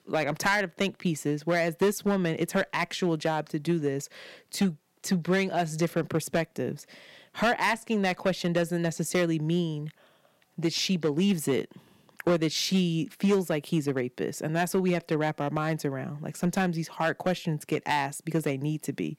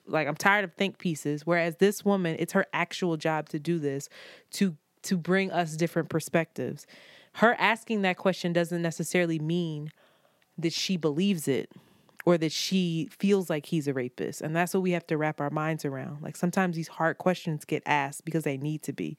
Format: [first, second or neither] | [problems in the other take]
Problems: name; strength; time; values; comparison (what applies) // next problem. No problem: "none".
second | distortion; slight; 3% of the sound clipped